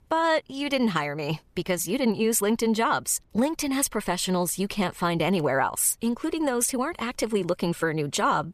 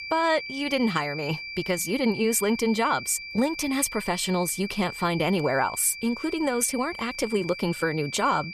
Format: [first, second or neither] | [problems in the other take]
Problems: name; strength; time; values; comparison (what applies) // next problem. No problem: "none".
first | high-pitched whine; loud; throughout; 2.5 kHz, 10 dB below the speech